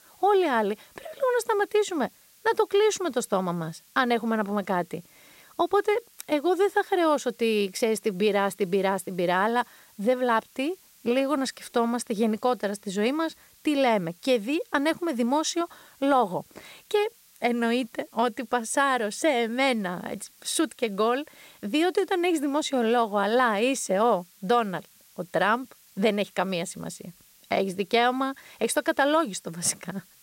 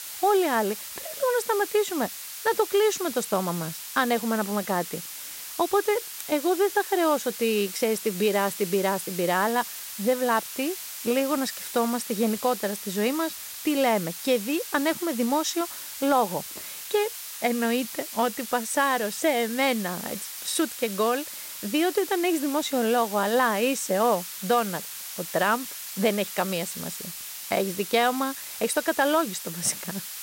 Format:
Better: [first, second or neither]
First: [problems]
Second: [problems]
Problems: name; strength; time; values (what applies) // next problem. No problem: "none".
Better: first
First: hiss; faint; throughout; 30 dB below the speech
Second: hiss; loud; throughout; 9 dB below the speech